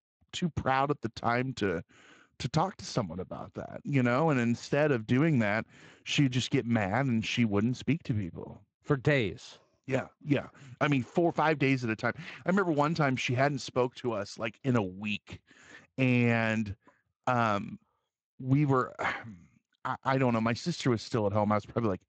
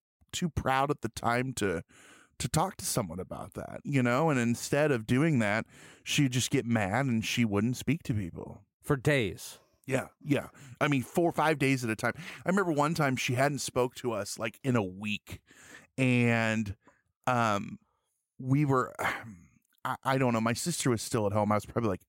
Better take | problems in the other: second | garbled, watery; slightly; nothing above 7.5 kHz

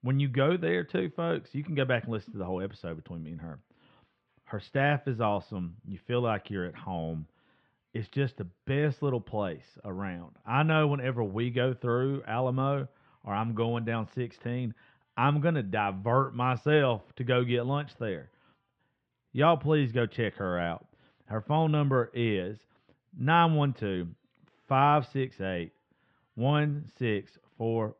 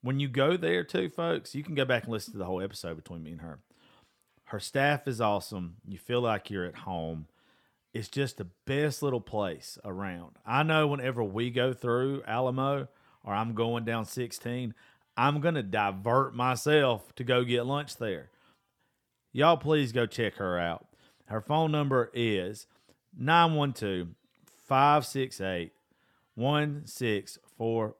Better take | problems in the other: second | muffled; very; fading above 3 kHz

